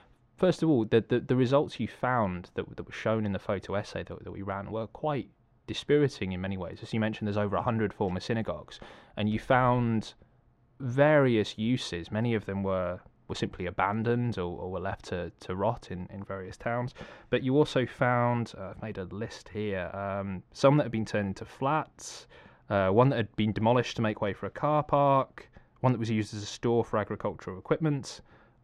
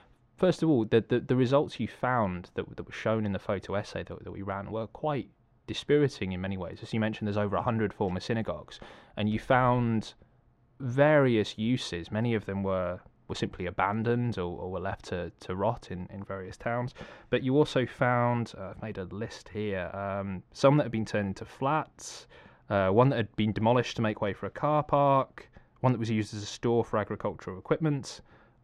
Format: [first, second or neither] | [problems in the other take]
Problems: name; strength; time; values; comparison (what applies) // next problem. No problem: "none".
neither | muffled; slightly; fading above 2.5 kHz; the same in both